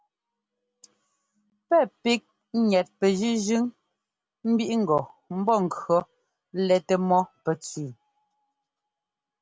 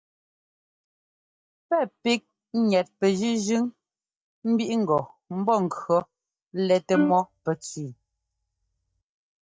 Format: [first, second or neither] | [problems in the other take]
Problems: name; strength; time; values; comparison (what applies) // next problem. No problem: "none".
first | noise reduction (neural mask model DeepFilterNet 3)